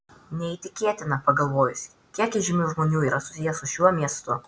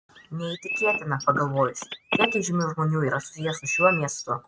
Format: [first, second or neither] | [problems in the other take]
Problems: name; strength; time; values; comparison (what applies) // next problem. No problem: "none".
first | noise reduction (neural mask model RNNoise)